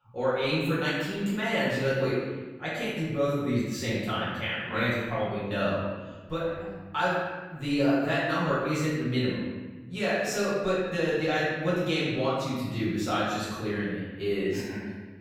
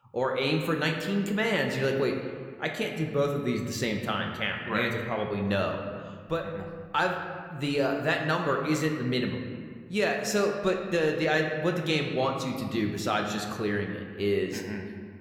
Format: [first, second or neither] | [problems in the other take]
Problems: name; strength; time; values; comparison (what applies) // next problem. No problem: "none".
second | room echo; strong; dies away in 1.2 s; slight in the second // off-mic speech; far